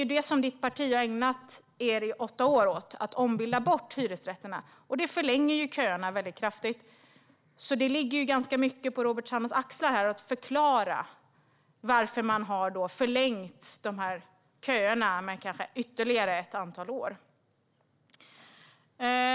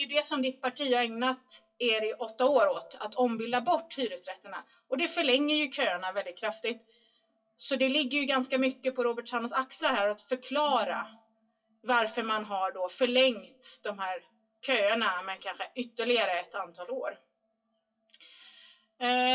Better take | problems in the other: first | noise reduction (classical method WPE with log-MMSE)

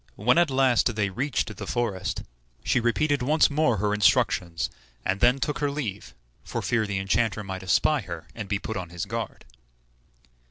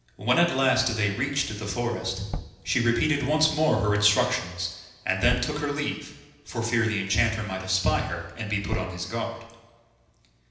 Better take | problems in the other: first | background sound (Tap / Bass drum); 11 dB below the speech // room echo; dies away in 0.9 s

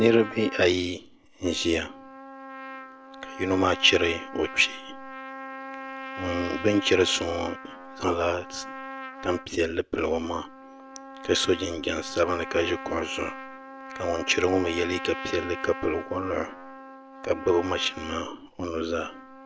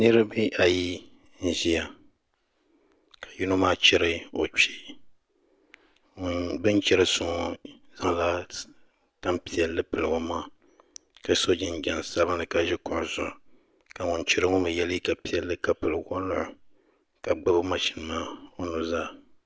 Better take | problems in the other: second | background sound (Trumpet); 12 dB below the speech

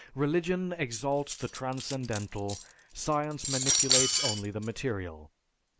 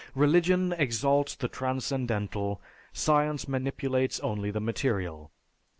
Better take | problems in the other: second | background sound (Cutlery, silverware); 1 dB above the speech

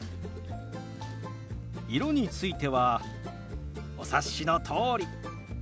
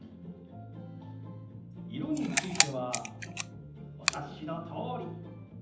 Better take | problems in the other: first | background sound (Camera); 4 dB above the speech // room echo; dies away in 0.8 s

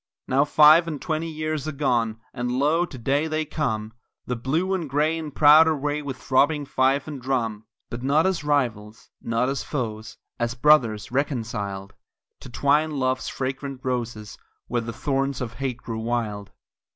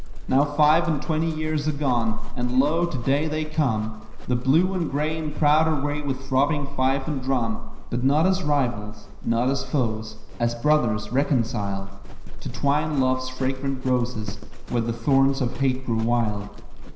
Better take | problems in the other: first | background sound (Livestock, farm animals, working animals); 2 dB below the speech // room echo; dies away in 0.9 s

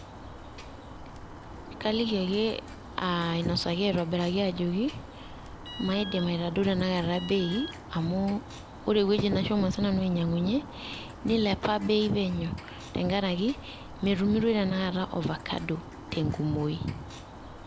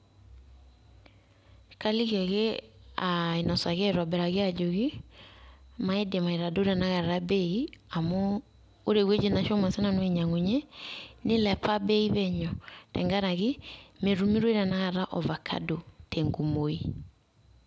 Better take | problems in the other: second | background sound (Alarm + Bird); 14 dB below the speech

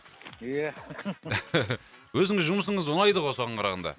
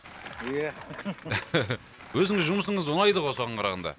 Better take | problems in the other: first | background sound (Skateboard); 17 dB below the speech

